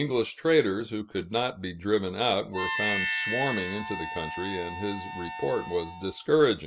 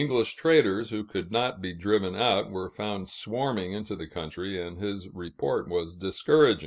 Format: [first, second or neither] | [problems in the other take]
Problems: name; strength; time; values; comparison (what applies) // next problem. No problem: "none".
second | background sound (Harmonica); 5 dB below the speech